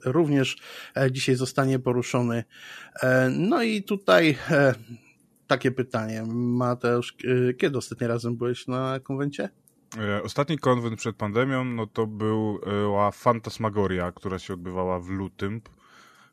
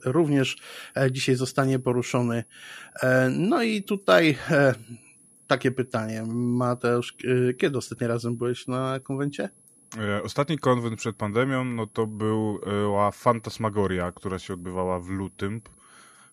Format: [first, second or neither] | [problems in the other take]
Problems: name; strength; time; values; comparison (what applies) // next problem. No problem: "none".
first | high-pitched whine; faint; throughout; 10.5 kHz, 25 dB below the speech